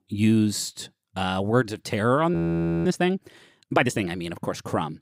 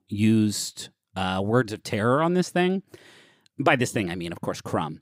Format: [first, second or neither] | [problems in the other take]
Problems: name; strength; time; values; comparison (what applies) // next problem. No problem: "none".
second | audio freezing; at 2.5 s for 0.5 s